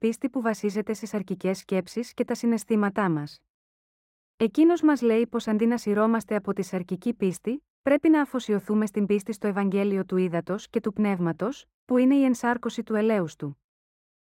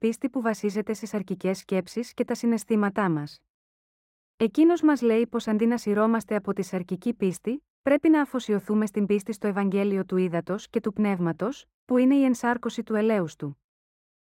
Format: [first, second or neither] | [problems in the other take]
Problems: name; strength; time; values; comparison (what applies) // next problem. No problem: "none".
neither | muffled; slightly; fading above 2.5 kHz; the same in both